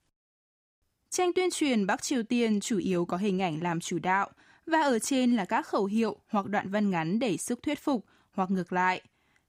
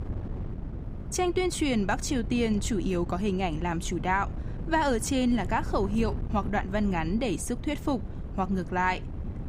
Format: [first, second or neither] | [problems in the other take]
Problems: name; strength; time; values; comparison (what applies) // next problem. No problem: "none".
first | wind noise on the microphone; occasional gusts; 15 dB below the speech